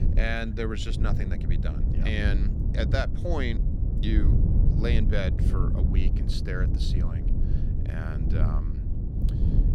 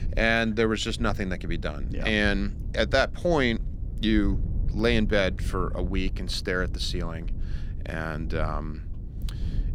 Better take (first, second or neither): second